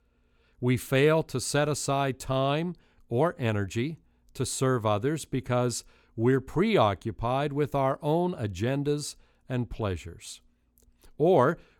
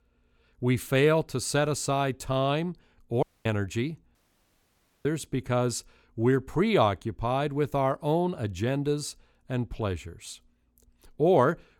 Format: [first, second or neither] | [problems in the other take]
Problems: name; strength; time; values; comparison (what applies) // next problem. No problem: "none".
first | audio cutting out; at 3 s and at 4 s for 1 s